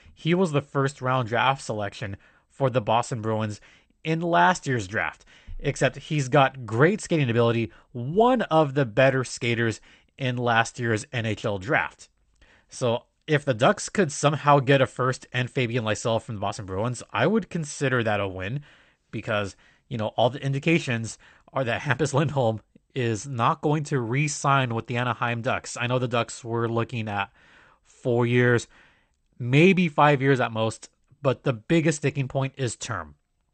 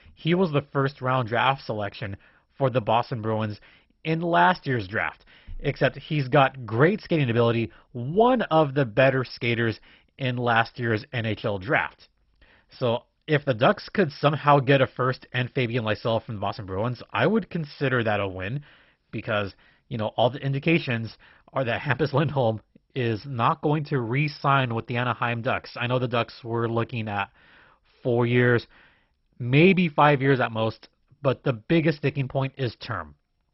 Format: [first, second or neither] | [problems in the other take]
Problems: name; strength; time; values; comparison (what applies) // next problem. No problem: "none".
first | garbled, watery; badly; nothing above 5.5 kHz; slightly in the first